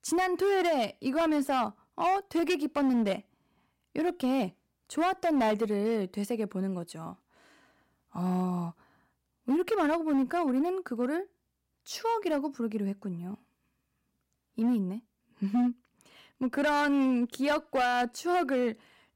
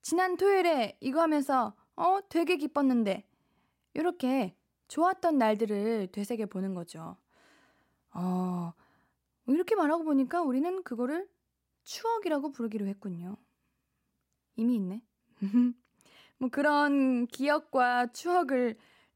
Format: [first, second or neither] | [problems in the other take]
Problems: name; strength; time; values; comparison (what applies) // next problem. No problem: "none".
second | distortion; slight; 8% of the sound clipped